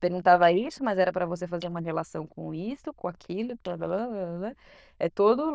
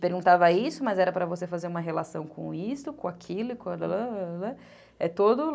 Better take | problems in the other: second | noise reduction (neural diffusion model UNIVERSE++)

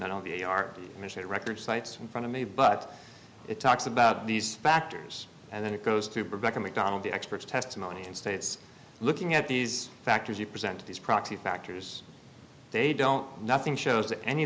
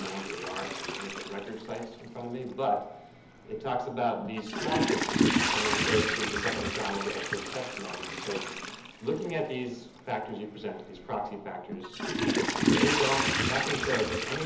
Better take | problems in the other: first | background sound (Toilet flush / Water); 2 dB above the speech // room echo; dies away in 0.7 s

